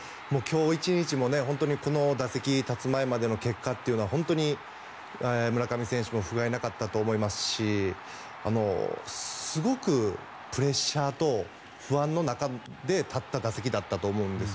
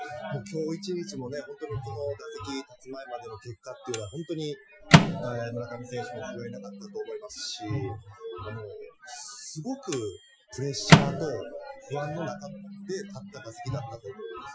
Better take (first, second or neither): first